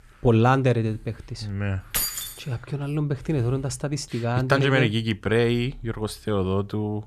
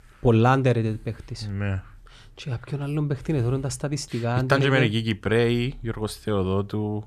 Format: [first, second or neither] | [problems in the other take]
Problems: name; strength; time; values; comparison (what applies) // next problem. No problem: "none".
second | jangling keys; noticeable; at 2 s; peak level with the speech